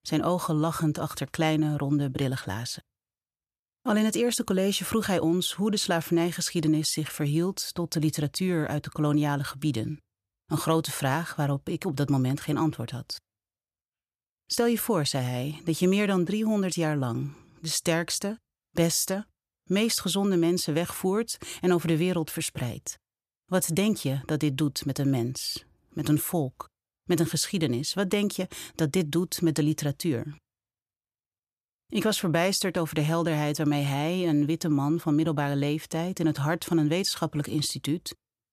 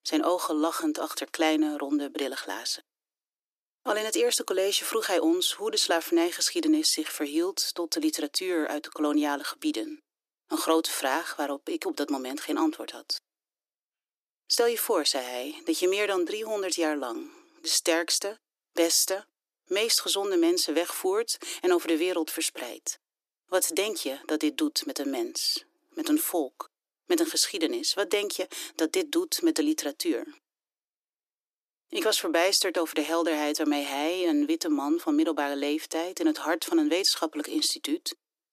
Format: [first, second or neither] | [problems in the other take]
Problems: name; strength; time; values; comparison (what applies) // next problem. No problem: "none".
first | thin; somewhat; fading below 300 Hz